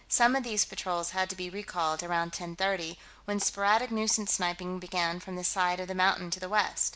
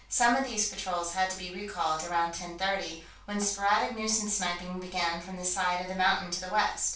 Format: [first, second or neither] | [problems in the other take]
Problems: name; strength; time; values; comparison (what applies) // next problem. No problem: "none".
first | room echo; dies away in 0.3 s